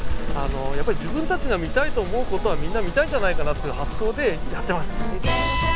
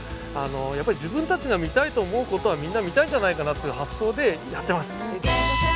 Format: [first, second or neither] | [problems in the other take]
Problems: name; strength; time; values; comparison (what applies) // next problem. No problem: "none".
second | background sound (Rain); 2 dB above the speech